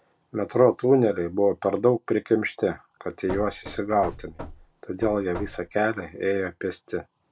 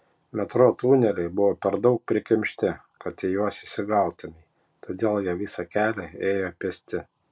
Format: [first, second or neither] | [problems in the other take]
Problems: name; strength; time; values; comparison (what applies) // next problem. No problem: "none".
second | background sound (Knock / Wood); 14 dB below the speech